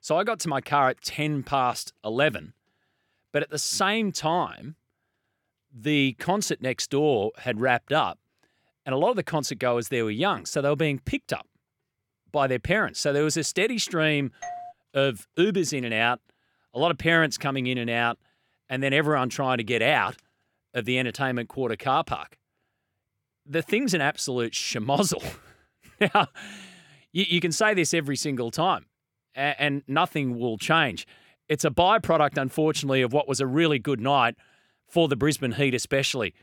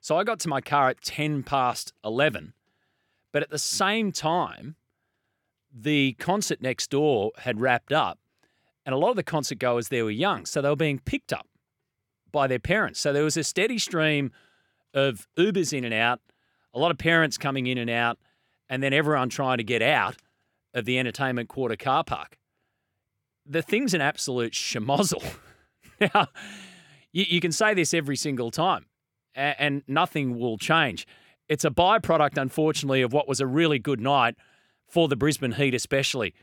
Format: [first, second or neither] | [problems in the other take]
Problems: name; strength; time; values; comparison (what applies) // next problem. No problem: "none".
second | doorbell; faint; at 14 s; peak 10 dB below the speech